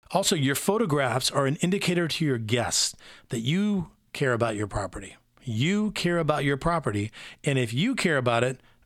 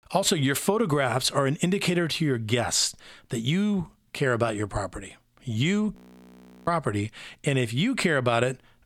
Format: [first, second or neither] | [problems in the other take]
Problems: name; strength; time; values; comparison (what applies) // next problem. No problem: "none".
first | audio freezing; at 6 s for 0.5 s